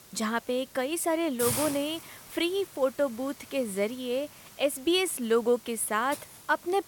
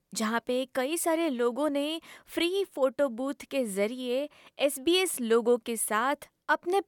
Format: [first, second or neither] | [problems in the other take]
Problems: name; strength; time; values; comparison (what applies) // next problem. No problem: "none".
second | hiss; noticeable; throughout; 10 dB below the speech